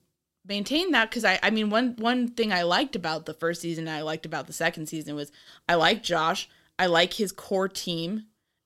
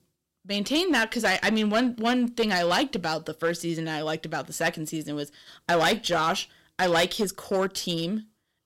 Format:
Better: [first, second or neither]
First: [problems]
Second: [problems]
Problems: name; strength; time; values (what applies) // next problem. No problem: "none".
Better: first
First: none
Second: distortion; slight; 5% of the sound clipped